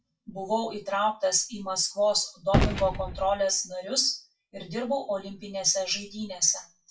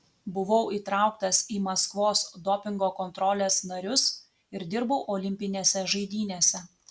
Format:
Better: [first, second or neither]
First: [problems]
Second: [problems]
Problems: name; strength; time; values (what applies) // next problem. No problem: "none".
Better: second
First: noise reduction (classical method WPE with log-MMSE)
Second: none